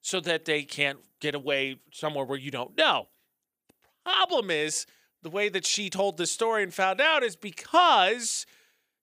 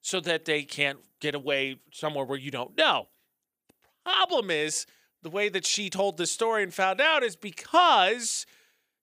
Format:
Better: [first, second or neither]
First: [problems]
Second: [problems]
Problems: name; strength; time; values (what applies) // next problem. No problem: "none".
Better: neither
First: thin; very slightly; fading below 550 Hz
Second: thin; very slightly; fading below 550 Hz